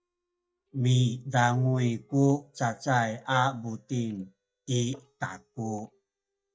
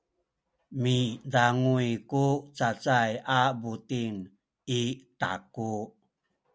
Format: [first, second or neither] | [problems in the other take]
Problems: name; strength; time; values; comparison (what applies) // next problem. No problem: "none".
second | noise reduction (neural mask model DeepFilterNet 3)